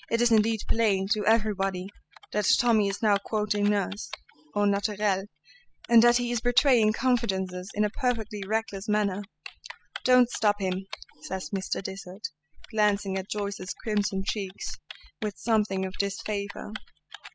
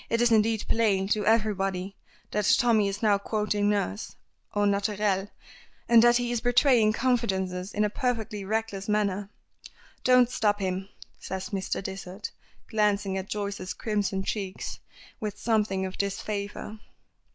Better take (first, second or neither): second